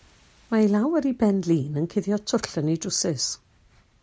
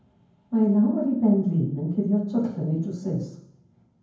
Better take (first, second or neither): first